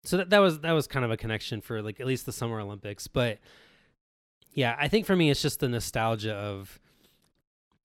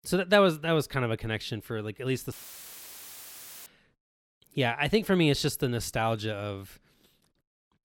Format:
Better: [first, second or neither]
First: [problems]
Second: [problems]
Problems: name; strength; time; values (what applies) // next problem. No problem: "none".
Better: first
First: none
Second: audio cutting out; filled with static; at 2.5 s for 1.5 s